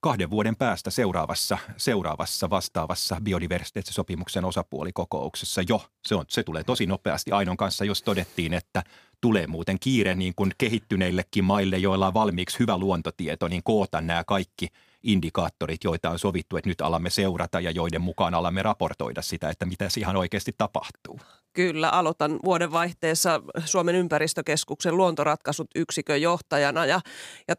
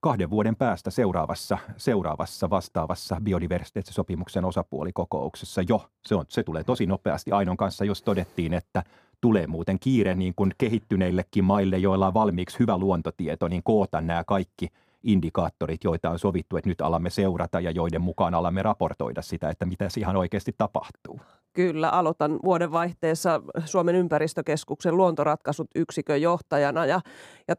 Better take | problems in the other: first | muffled; slightly; fading above 1.5 kHz

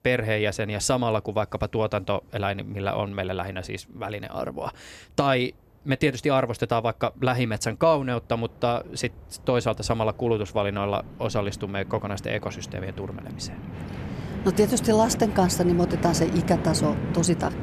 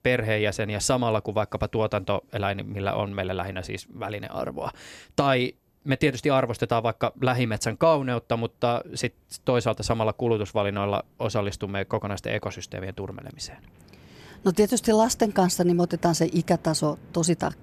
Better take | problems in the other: second | train or aircraft noise; loud; throughout; 7 dB below the speech; faint in the second

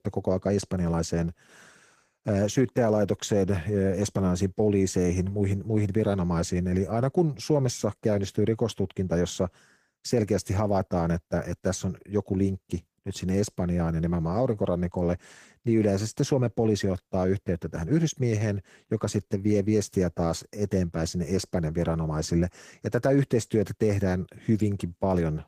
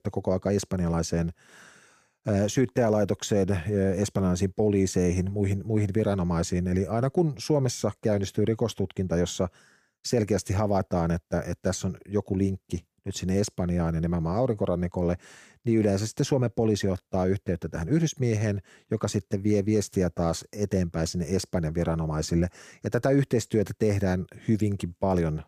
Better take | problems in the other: second | garbled, watery; slightly; nothing above 15 kHz

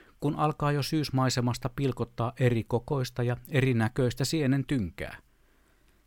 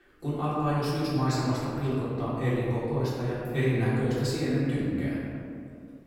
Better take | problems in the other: first | off-mic speech; far // room echo; strong; dies away in 2.3 s

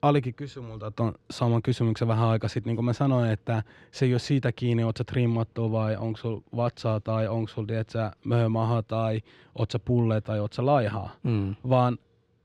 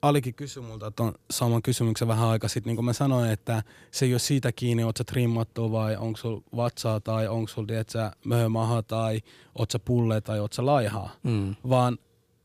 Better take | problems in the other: second | muffled; slightly; fading above 3.5 kHz

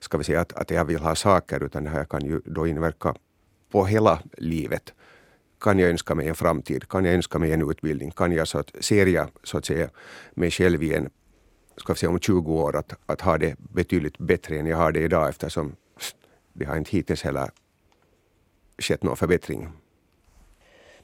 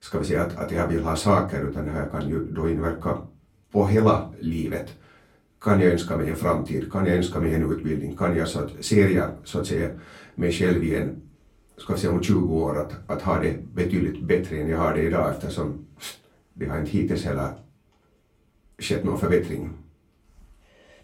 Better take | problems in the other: first | off-mic speech; far // room echo; very slight; dies away in 0.3 s

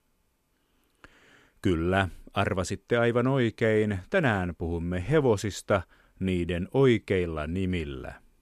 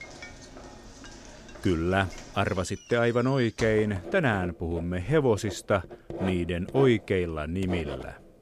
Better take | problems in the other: first | household noises; noticeable; throughout; 15 dB below the speech

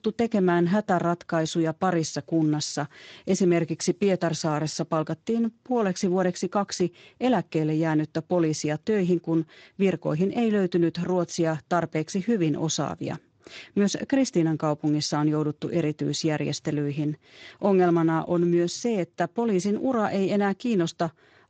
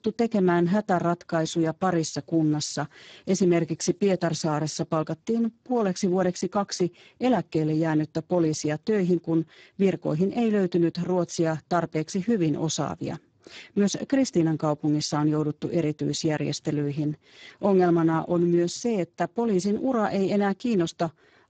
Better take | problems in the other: first | garbled, watery; badly; nothing above 7.5 kHz; slightly in the first

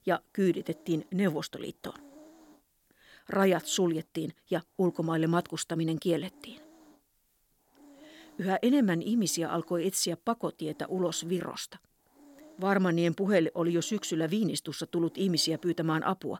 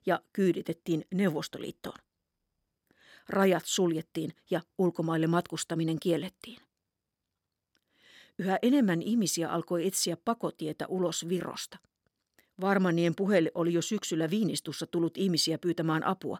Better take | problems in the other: second | hiss; faint; throughout; 25 dB below the speech

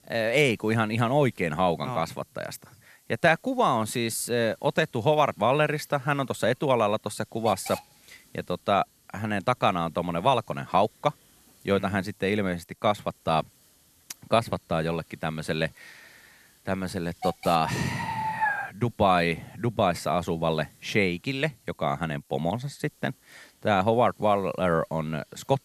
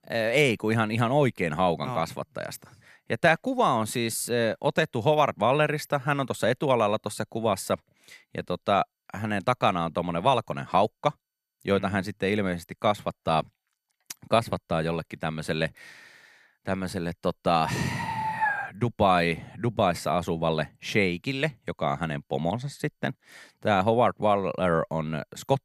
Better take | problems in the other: second | hiss; faint; throughout; 25 dB below the speech

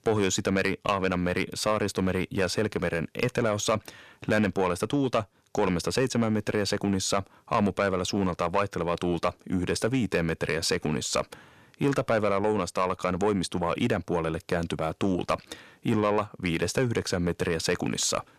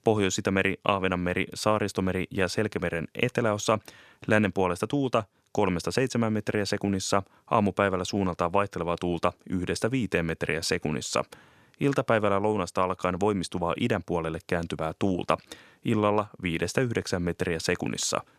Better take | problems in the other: second | distortion; slight; 10 dB below the speech

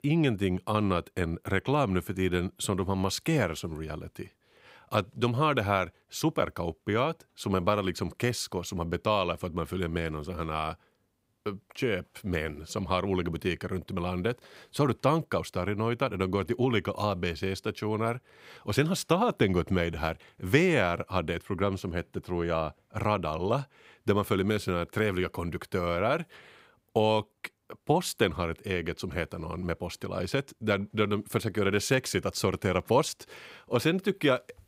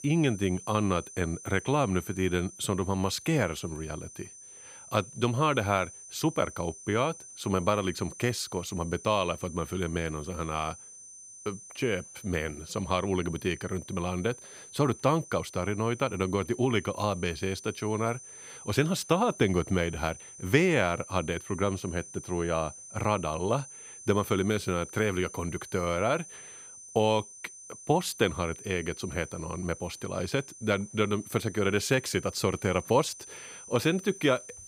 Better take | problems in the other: first | high-pitched whine; noticeable; throughout; 6 kHz, 15 dB below the speech

